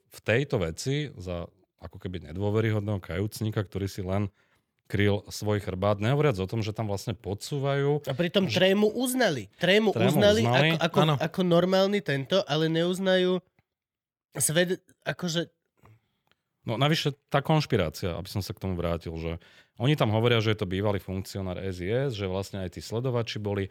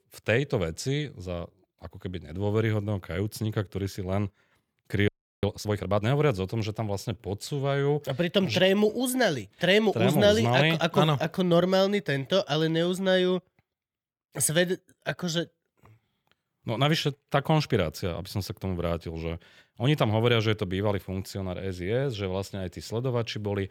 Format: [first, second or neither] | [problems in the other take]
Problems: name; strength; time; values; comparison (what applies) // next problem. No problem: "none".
first | audio freezing; at 5 s